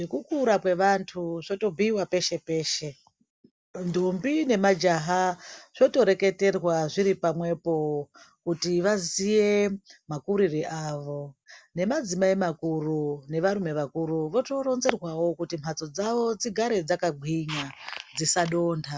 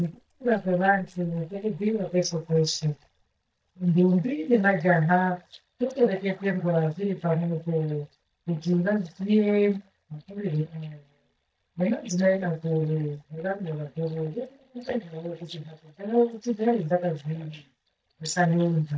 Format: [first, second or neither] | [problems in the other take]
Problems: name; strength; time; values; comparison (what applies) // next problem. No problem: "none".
first | noise reduction (neural mask model DeepFilterNet 3)